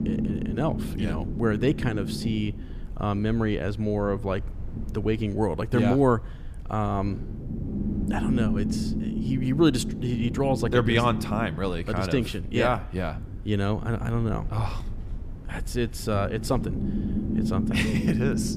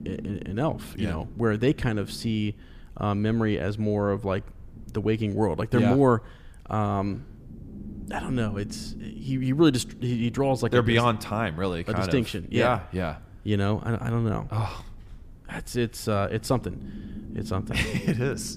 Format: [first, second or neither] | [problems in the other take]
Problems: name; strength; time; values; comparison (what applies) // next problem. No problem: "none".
second | low rumble; loud; throughout; 9 dB below the speech; faint in the second